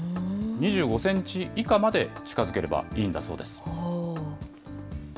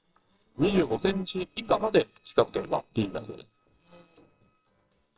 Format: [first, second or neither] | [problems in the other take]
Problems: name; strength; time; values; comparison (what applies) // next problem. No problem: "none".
first | noise reduction (neural separator model SepFormer WHAMR!)